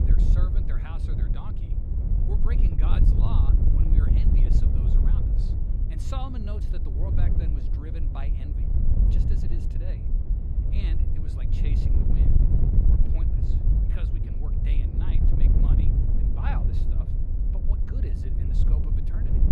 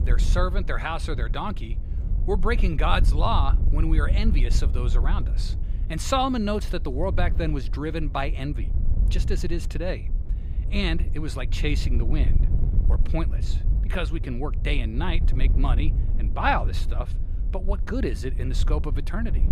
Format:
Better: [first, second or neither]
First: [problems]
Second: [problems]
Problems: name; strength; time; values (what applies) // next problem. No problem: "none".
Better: second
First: wind noise on the microphone; heavy; 3 dB above the speech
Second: wind noise on the microphone; occasional gusts; 15 dB below the speech